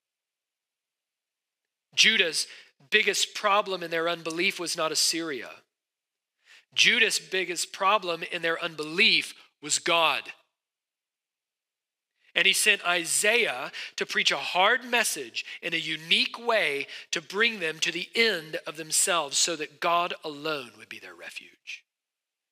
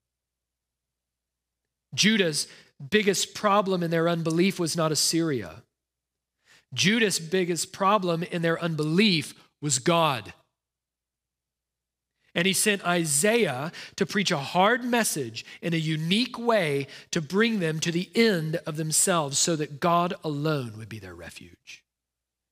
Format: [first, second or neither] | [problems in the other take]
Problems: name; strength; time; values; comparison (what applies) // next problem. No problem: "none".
second | thin; somewhat; fading below 400 Hz